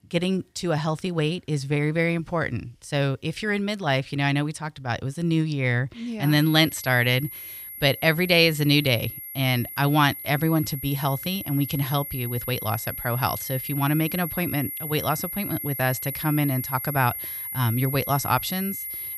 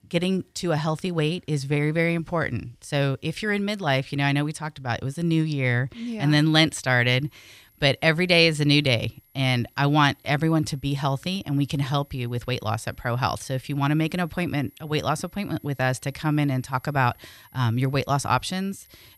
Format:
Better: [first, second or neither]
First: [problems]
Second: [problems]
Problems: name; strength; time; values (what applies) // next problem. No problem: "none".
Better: second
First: high-pitched whine; loud; from 6 s on; 11.5 kHz, 7 dB below the speech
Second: high-pitched whine; faint; from 6 s on; 11.5 kHz, 30 dB below the speech